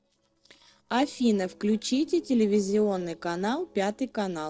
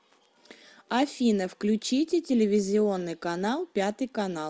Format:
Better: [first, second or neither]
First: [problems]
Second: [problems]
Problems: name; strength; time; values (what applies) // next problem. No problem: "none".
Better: second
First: noise reduction (neural separator model SepFormer DNS4)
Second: none